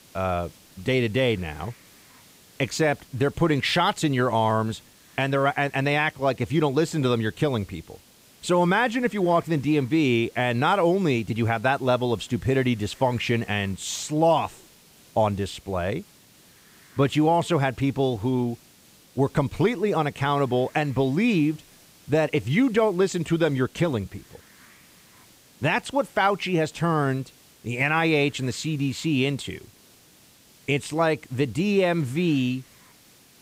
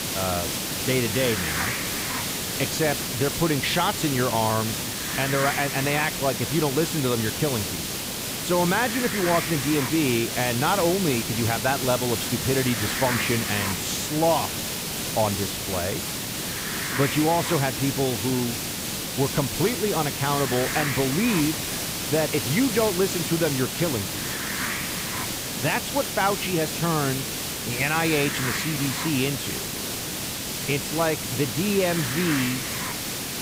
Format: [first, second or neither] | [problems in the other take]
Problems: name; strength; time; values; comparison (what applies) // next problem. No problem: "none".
first | hiss; loud; throughout; 2 dB below the speech; faint in the first